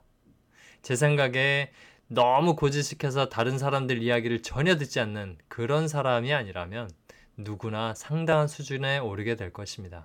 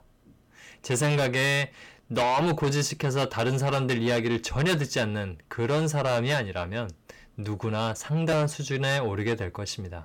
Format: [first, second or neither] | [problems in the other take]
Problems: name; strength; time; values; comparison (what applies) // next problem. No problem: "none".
first | distortion; heavy; 7 dB below the speech